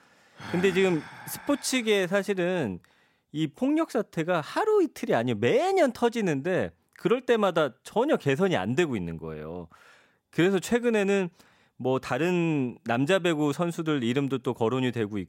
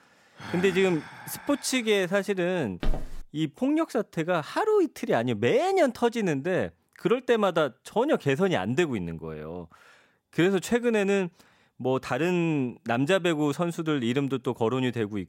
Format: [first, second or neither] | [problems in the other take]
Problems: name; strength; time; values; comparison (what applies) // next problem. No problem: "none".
first | footsteps; noticeable; at 3 s; peak 9 dB below the speech